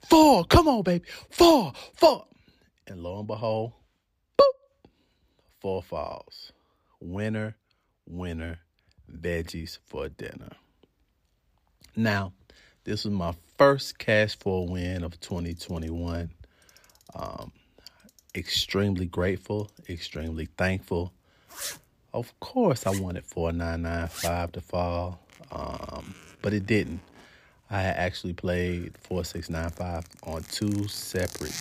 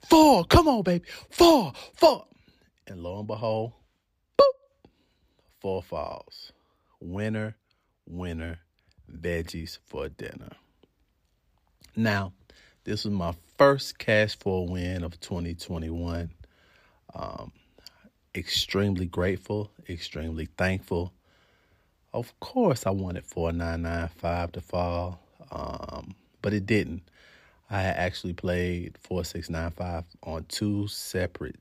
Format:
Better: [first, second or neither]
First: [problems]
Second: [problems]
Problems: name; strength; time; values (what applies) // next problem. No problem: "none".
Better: second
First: household noises; noticeable; from 15 s on; 15 dB below the speech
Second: none